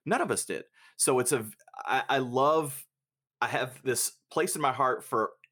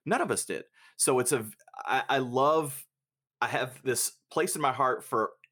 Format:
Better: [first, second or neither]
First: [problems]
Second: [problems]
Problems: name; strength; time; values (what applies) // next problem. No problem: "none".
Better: neither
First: none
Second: none